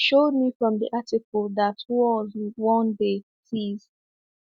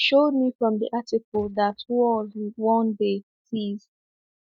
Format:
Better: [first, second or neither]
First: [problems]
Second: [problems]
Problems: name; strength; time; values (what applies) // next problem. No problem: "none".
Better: first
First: none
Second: noise reduction (neural mask model DeepFilterNet 3)